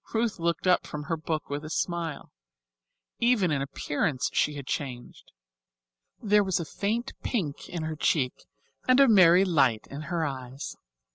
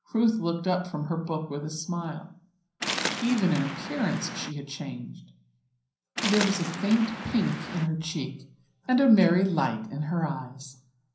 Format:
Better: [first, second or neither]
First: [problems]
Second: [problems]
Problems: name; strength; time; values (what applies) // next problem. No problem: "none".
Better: first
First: none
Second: background sound (Waves, surf); 8 dB below the speech // room echo; dies away in 0.6 s